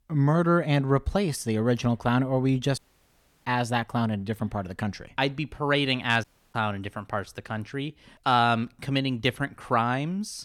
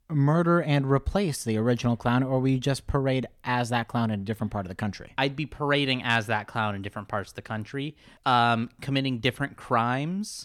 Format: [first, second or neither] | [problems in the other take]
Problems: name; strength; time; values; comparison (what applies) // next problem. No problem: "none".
second | audio cutting out; at 3 s for 0.5 s and at 6 s